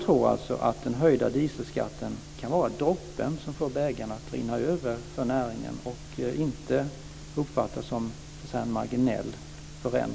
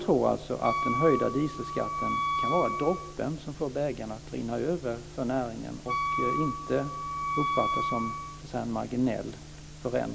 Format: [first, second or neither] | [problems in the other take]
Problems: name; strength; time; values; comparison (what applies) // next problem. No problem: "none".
first | background sound (Wind instrument, woodwind instrument); 1 dB below the speech